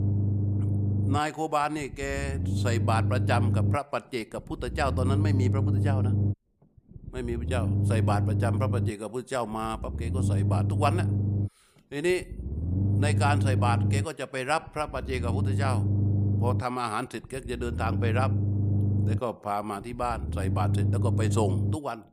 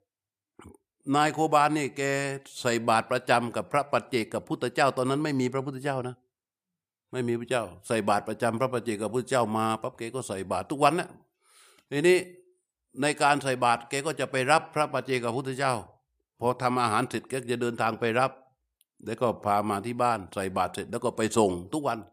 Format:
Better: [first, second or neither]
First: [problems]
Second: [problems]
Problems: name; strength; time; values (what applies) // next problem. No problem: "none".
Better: second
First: low rumble; loud; throughout; 8 dB below the speech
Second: none